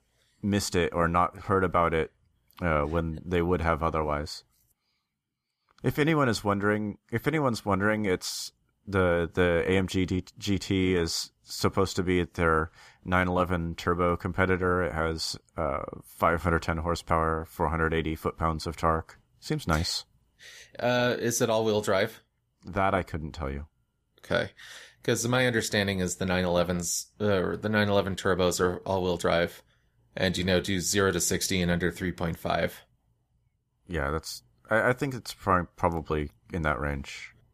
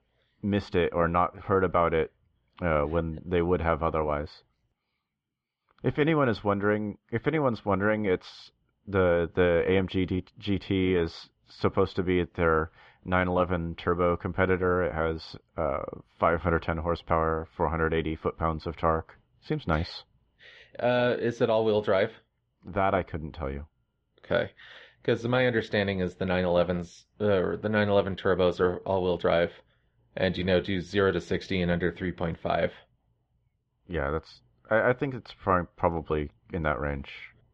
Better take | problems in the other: first | muffled; very; fading above 3.5 kHz

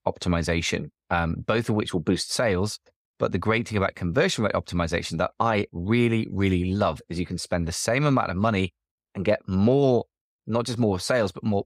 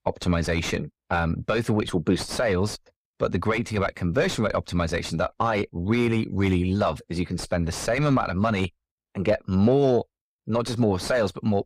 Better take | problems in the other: first | distortion; slight; 10 dB below the speech

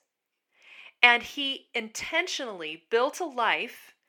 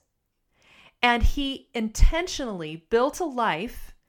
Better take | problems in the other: second | thin; somewhat; fading below 400 Hz

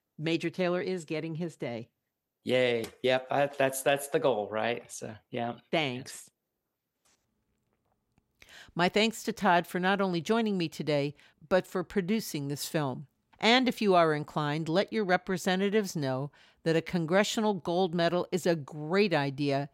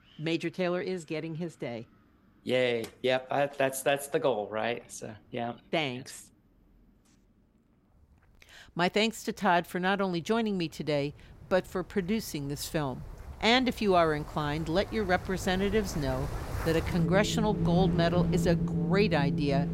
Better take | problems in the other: first | wind in the background; loud; throughout; 4 dB below the speech

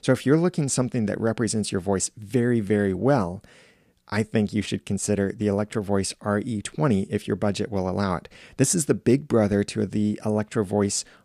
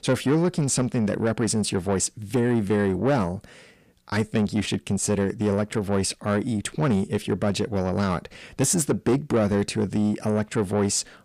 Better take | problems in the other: first | distortion; slight; 10 dB below the speech

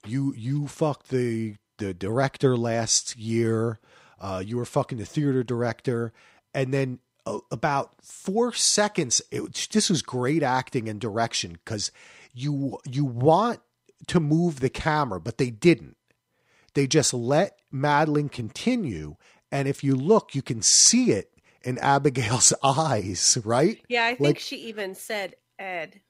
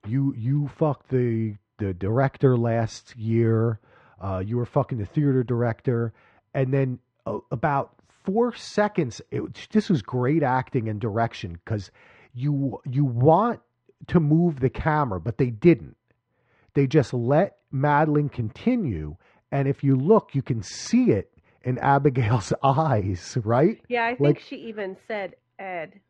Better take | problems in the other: first | muffled; very; fading above 2 kHz

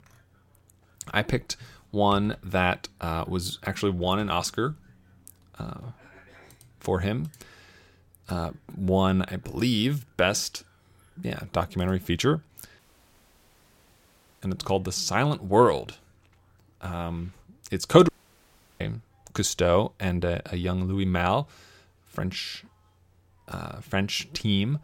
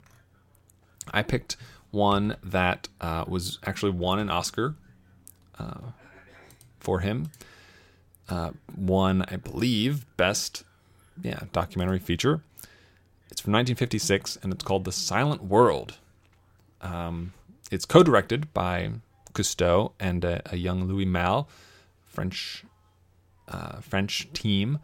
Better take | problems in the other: second | audio cutting out; at 13 s for 1.5 s and at 18 s for 0.5 s

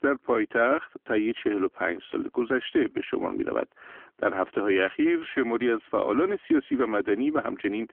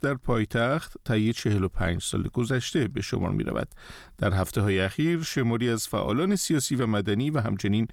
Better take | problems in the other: second | phone-call audio; nothing above 3.5 kHz

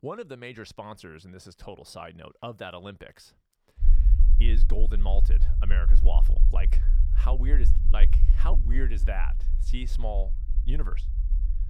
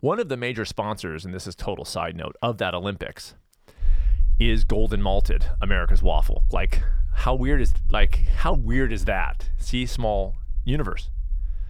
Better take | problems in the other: second | low rumble; loud; from 4 s on; 10 dB below the speech; faint in the second

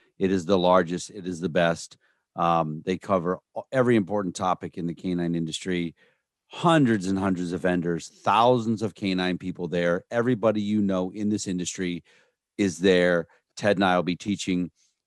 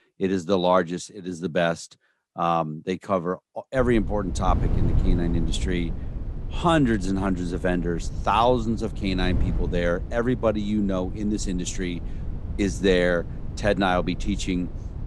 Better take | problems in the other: first | wind noise on the microphone; occasional gusts; from 4 s on; 20 dB below the speech

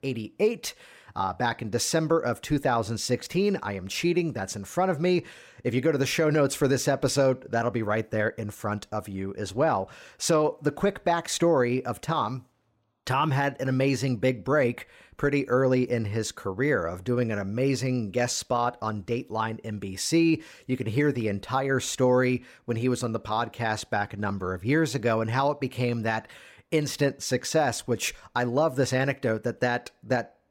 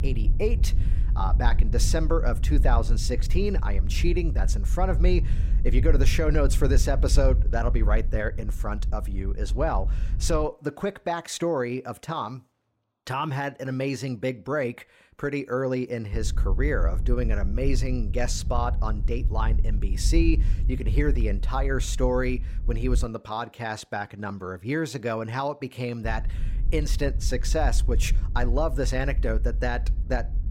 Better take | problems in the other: first | low rumble; noticeable; until 10 s, from 16 to 23 s and from 26 s on; 15 dB below the speech

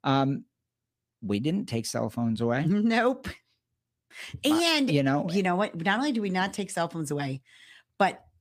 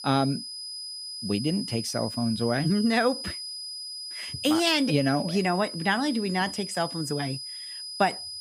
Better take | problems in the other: first | high-pitched whine; loud; throughout; 5 kHz, 8 dB below the speech

